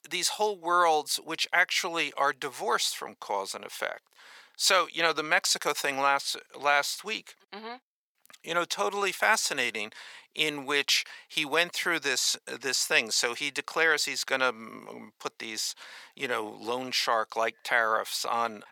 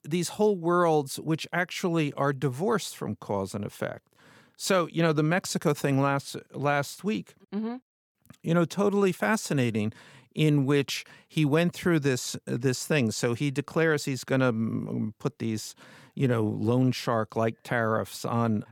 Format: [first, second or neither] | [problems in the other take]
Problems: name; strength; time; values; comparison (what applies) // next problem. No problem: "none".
second | thin; very; fading below 750 Hz